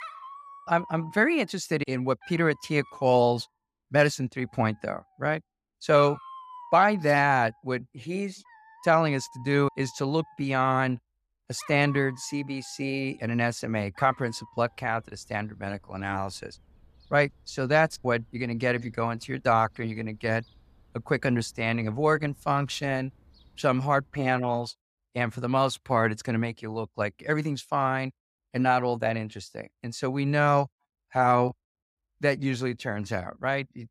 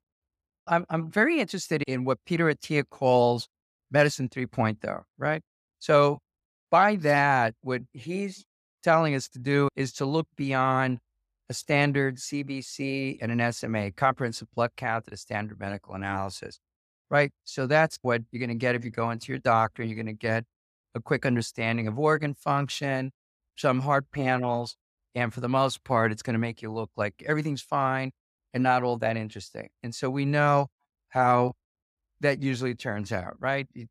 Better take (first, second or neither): second